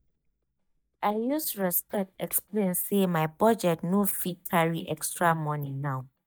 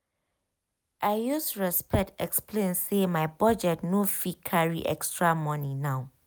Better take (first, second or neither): second